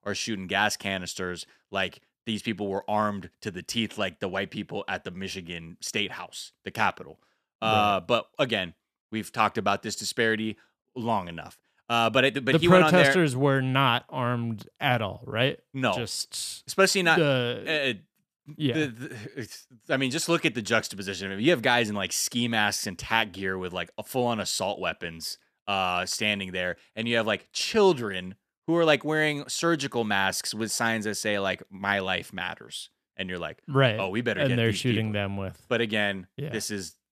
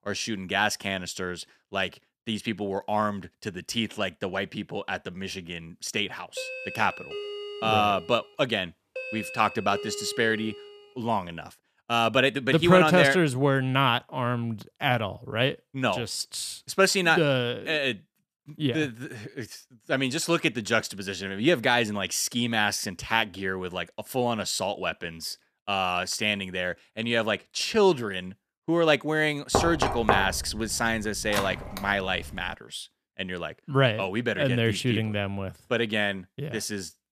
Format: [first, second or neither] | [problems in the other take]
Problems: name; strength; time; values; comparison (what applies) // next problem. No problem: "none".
first | doorbell; noticeable; from 6.5 to 11 s; peak 8 dB below the speech // door banging; loud; from 30 to 32 s; peak 1 dB above the speech